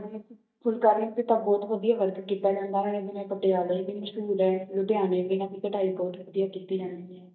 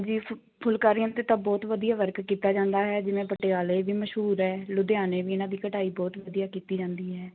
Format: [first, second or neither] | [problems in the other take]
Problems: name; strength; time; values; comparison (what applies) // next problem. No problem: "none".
second | noise reduction (neural mask model DeepFilterNet 3)